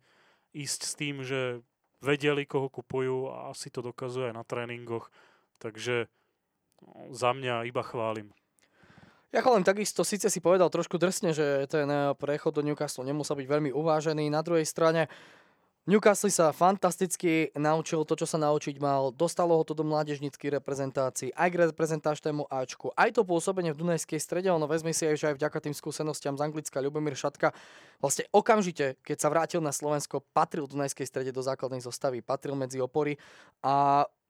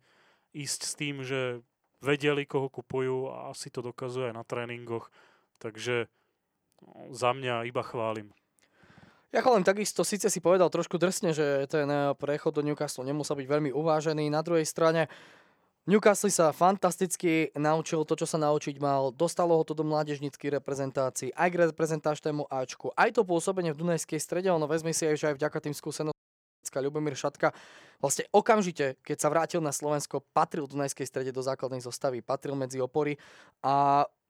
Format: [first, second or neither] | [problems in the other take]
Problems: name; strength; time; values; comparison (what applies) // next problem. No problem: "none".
first | audio cutting out; at 26 s for 0.5 s